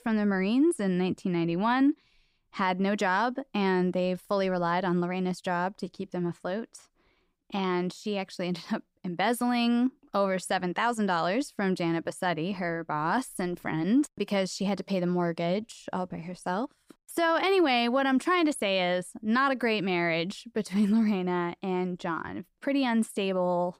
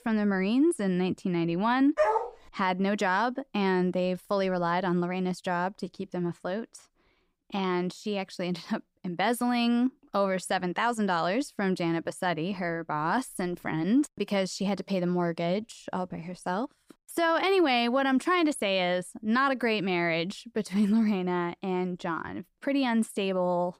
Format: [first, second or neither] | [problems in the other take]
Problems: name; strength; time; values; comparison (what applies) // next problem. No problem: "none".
first | dog barking; loud; at 2 s; peak 2 dB above the speech